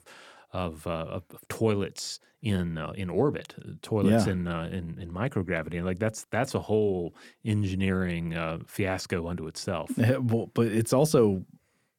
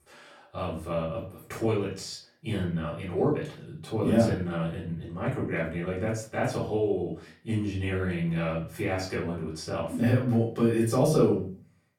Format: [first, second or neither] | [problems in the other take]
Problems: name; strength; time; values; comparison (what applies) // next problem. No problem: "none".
first | off-mic speech; far // room echo; slight; dies away in 0.4 s